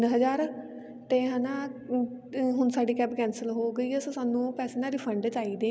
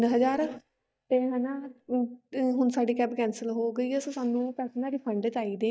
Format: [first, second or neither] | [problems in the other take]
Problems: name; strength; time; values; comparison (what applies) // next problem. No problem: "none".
first | noise reduction (neural mask model DeepFilterNet 3)